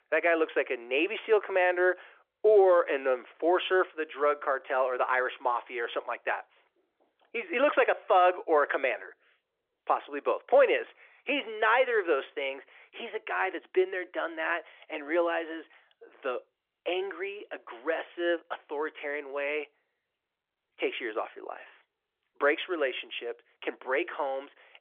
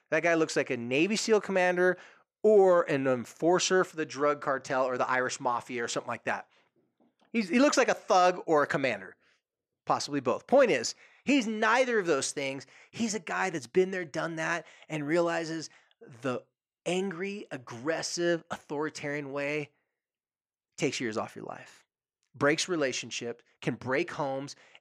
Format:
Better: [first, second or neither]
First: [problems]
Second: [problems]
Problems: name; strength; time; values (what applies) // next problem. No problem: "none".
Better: second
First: phone-call audio; nothing above 3.5 kHz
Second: none